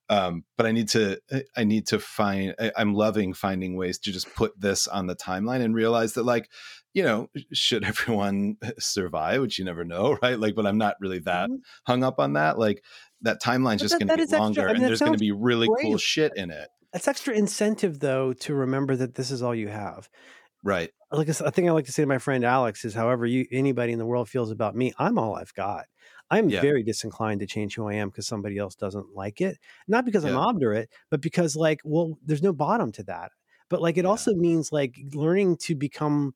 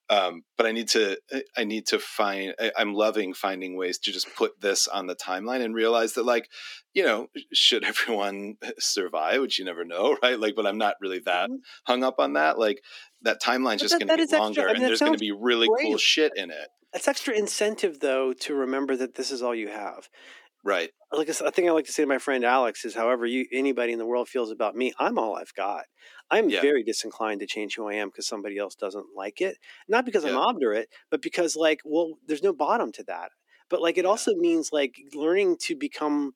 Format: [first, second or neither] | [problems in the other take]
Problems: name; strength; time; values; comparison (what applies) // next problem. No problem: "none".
first | thin; very slightly; fading below 250 Hz